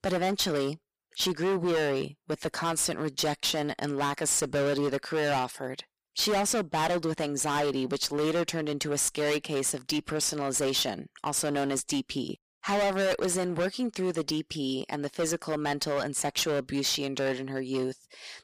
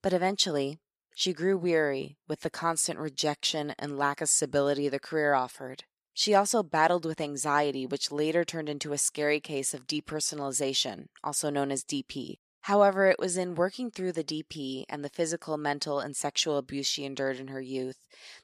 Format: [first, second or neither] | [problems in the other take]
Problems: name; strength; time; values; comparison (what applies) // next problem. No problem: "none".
second | distortion; heavy; 18% of the sound clipped